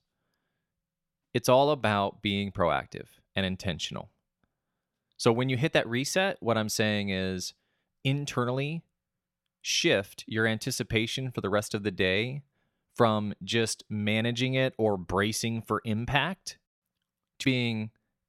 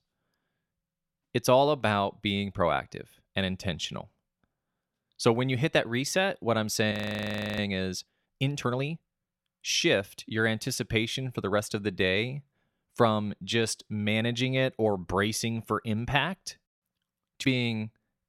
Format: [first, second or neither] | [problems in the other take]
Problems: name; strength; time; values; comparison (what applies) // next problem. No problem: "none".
first | audio freezing; at 7 s for 0.5 s